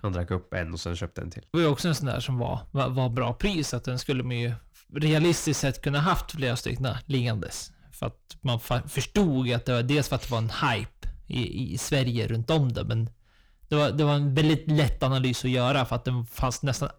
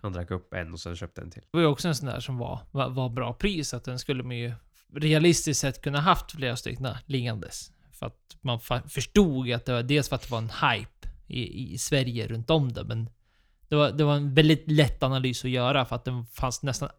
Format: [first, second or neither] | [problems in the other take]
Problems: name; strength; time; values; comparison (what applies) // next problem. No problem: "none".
second | distortion; heavy; 8 dB below the speech